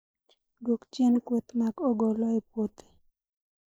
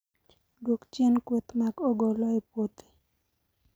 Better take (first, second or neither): second